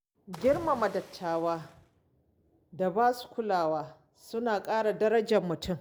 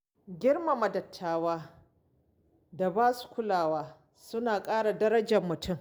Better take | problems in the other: second | background sound (Splash, splatter); 18 dB below the speech

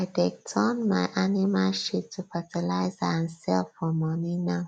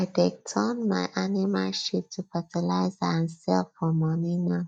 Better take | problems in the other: first | noise reduction (neural mask model DeepFilterNet 3)

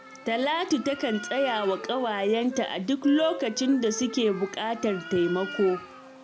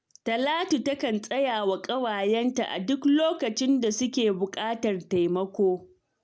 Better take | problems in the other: second | background sound (Cat + Wind instrument, woodwind instrument); 13 dB below the speech

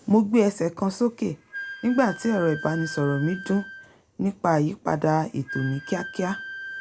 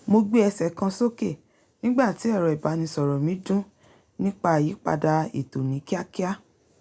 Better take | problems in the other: second | background sound (Wind instrument, woodwind instrument); 14 dB below the speech

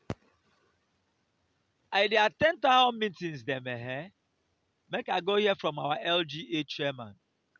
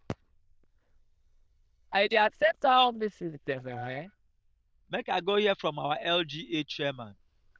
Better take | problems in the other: first | noise reduction (neural diffusion model UNIVERSE++)

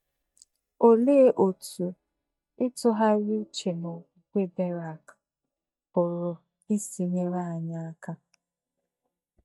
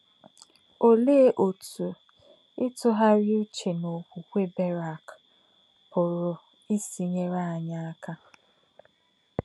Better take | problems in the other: second | noise reduction (neural mask model DeepFilterNet 3)

